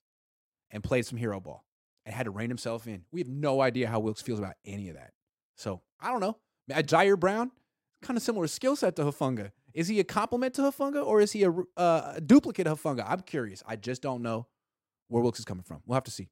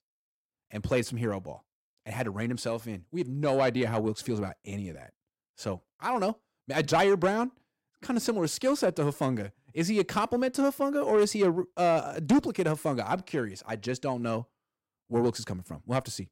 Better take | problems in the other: first | distortion; slight; 10 dB below the speech

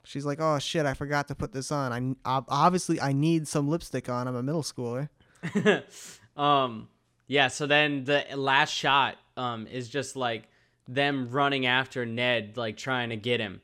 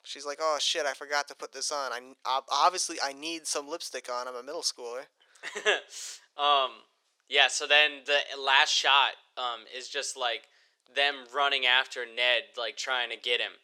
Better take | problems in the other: first | thin; very; fading below 450 Hz

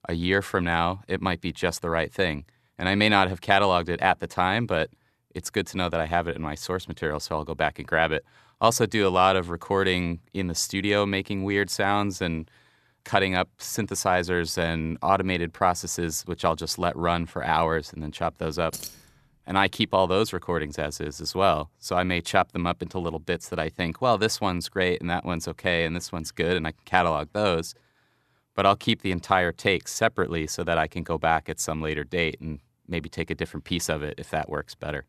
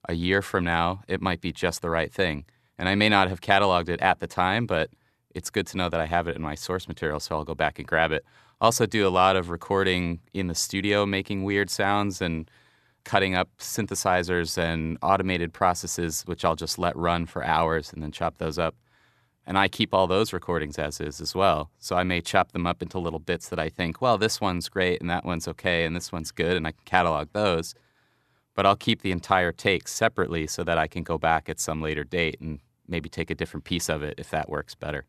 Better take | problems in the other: second | jangling keys; faint; at 19 s; peak 10 dB below the speech

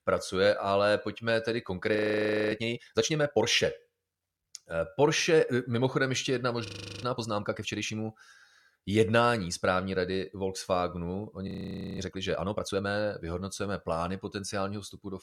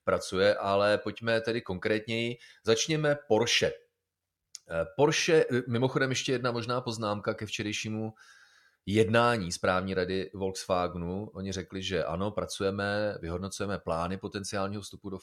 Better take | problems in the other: second | audio freezing; at 2 s for 0.5 s, at 6.5 s and at 11 s for 0.5 s

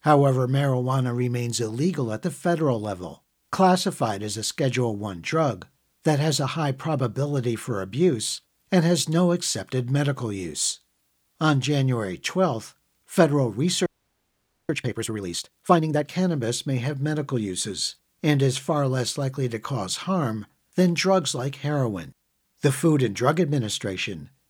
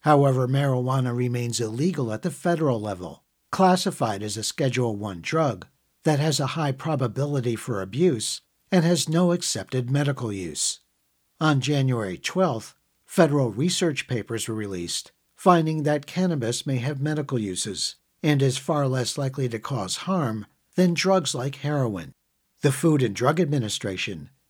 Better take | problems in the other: second | audio freezing; at 14 s for 1 s

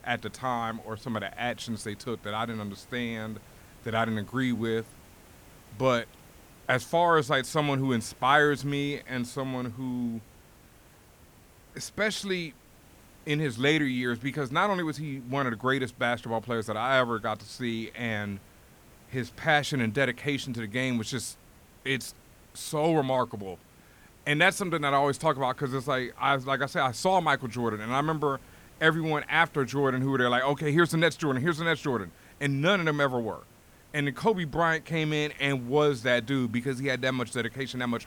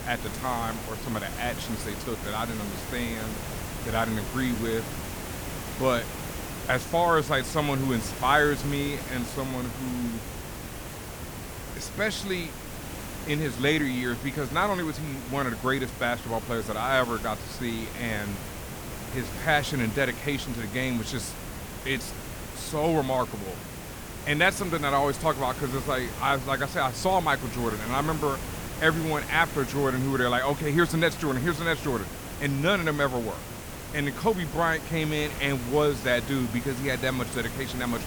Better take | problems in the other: first | hiss; loud; throughout; 9 dB below the speech; faint in the first

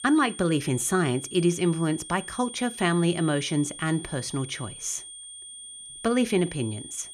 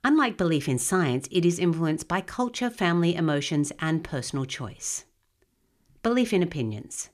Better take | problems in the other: second | high-pitched whine; noticeable; throughout; 9 kHz, 10 dB below the speech

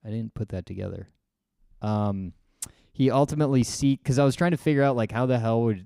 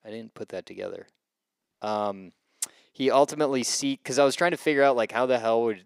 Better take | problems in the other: first | thin; somewhat; fading below 450 Hz

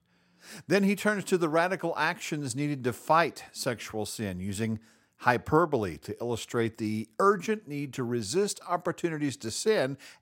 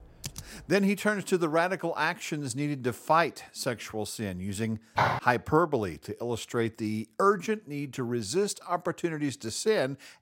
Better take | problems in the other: first | keyboard typing; faint; at the start; peak 10 dB below the speech // footsteps; loud; at 5 s; peak 2 dB above the speech

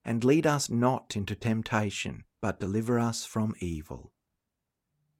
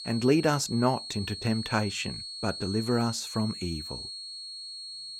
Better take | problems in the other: first | high-pitched whine; loud; throughout; 4.5 kHz, 8 dB below the speech

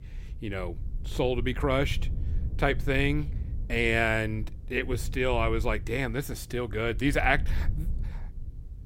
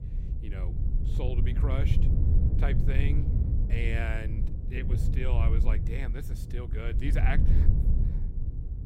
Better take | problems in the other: first | low rumble; loud; throughout; 5 dB below the speech; faint in the first

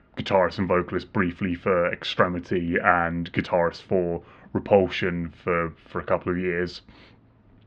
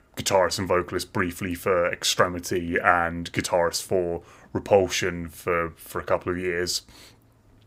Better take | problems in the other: second | muffled; slightly; fading above 3.5 kHz

